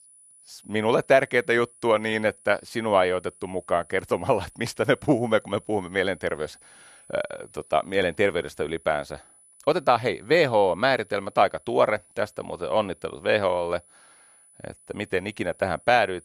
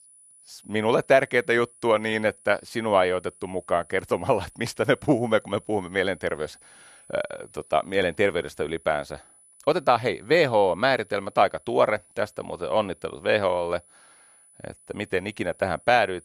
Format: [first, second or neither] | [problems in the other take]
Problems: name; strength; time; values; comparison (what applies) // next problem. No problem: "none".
neither | high-pitched whine; faint; throughout; 10 kHz, 25 dB below the speech; the same in both